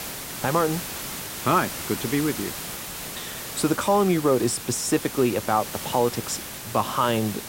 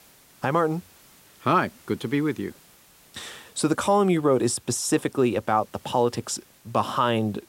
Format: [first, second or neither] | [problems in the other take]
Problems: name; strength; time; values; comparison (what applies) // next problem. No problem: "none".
second | hiss; loud; throughout; 8 dB below the speech; faint in the second